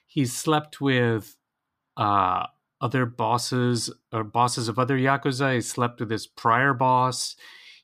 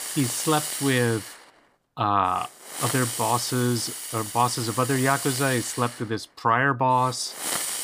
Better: first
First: none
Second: hiss; loud; throughout; 5 dB below the speech

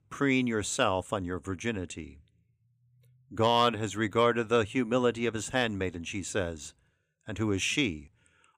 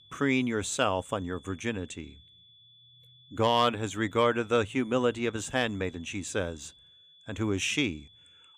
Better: first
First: none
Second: high-pitched whine; faint; throughout; 3.5 kHz, 25 dB below the speech

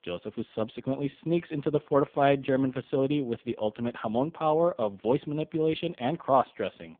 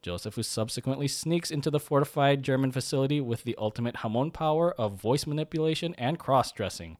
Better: second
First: phone-call audio; poor line; nothing above 3.5 kHz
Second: none

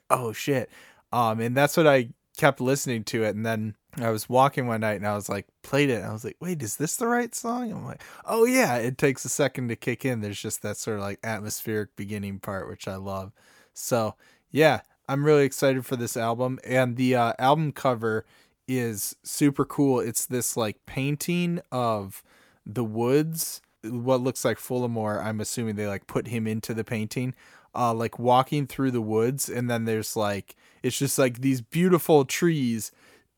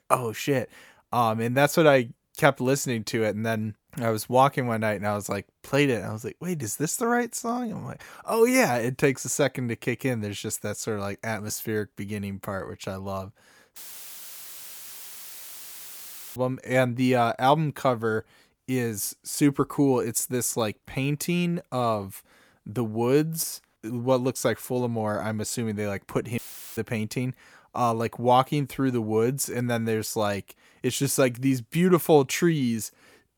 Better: first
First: none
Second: audio cutting out; filled with static; at 14 s for 2.5 s and at 26 s

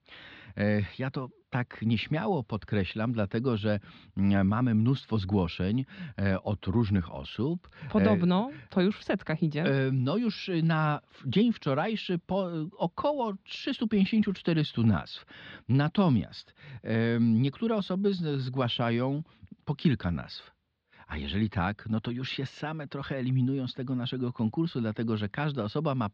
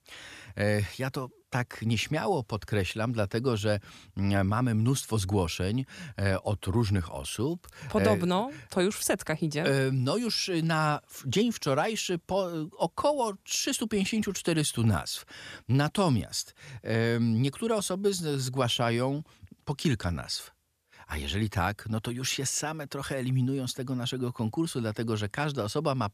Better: second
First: muffled; slightly; fading above 4 kHz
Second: none

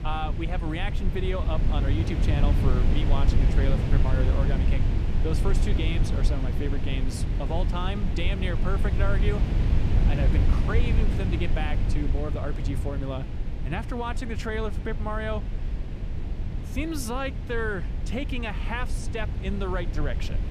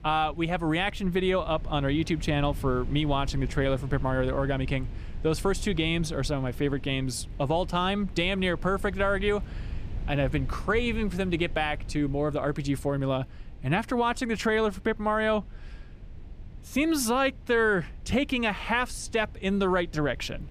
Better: second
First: low rumble; loud; throughout; 5 dB below the speech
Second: low rumble; faint; throughout; 25 dB below the speech

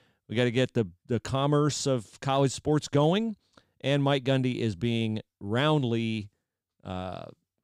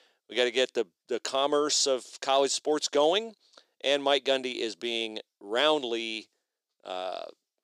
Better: first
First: none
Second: thin; very; fading below 350 Hz

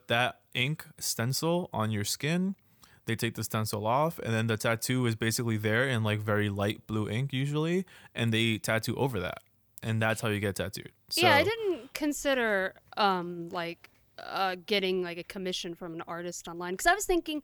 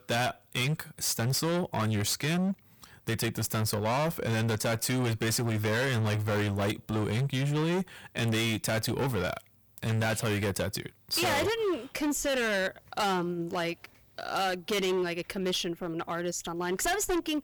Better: first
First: none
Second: distortion; heavy; 24% of the sound clipped

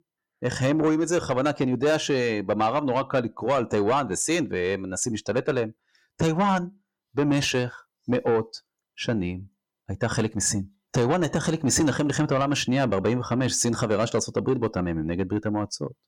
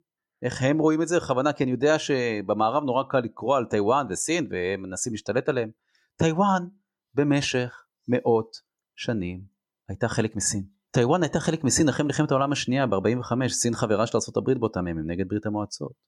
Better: second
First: distortion; slight; 10 dB below the speech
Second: none

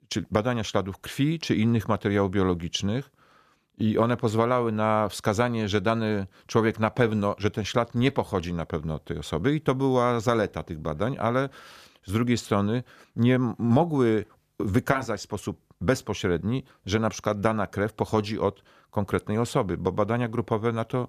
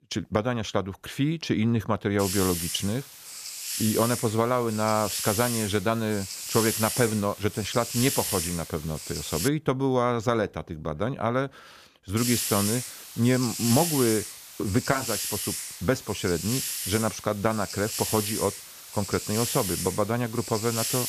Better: first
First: none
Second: hiss; loud; from 2 to 9.5 s and from 12 s on; 4 dB below the speech

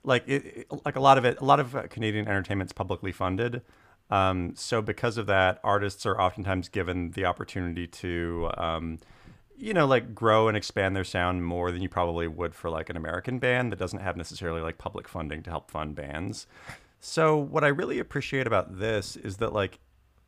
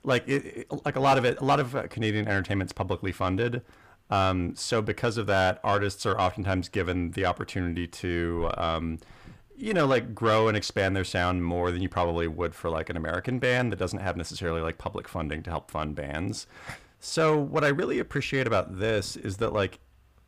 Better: first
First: none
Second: distortion; slight; 10 dB below the speech

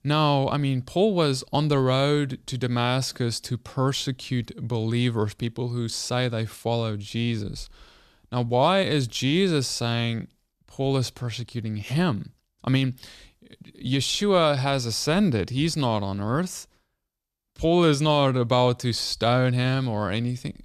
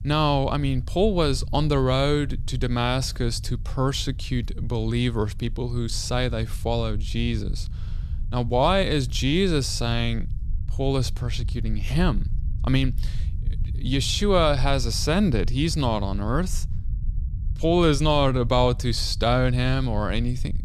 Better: first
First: none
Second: low rumble; faint; throughout; 25 dB below the speech

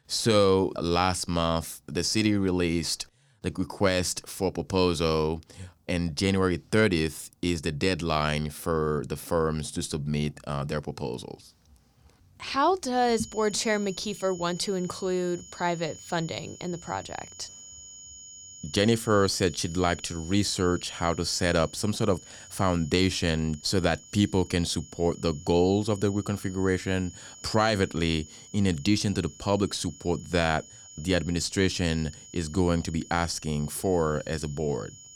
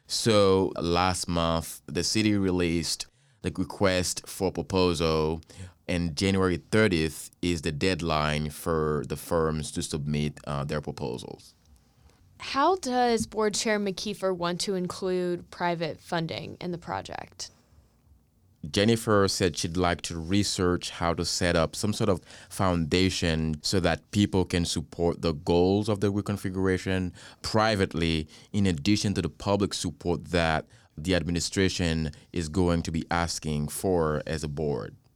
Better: second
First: high-pitched whine; noticeable; from 13 s on; 7 kHz, 20 dB below the speech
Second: none

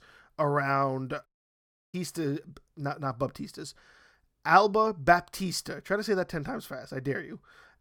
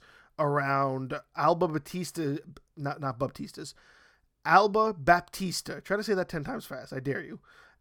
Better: second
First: audio cutting out; at 1.5 s for 0.5 s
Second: none

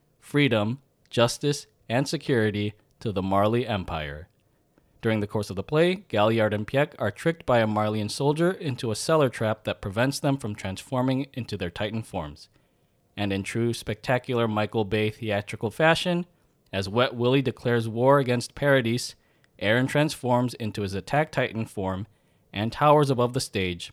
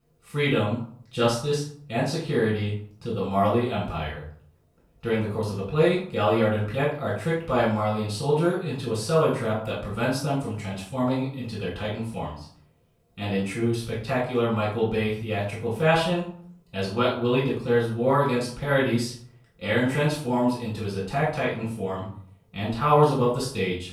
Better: first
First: none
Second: room echo; noticeable; dies away in 0.4 s // off-mic speech; far

